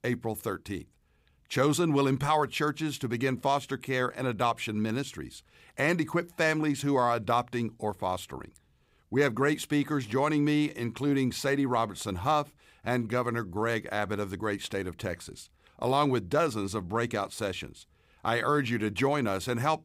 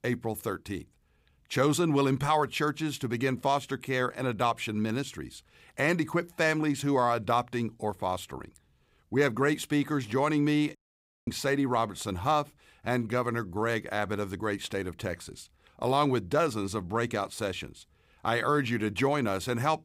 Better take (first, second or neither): first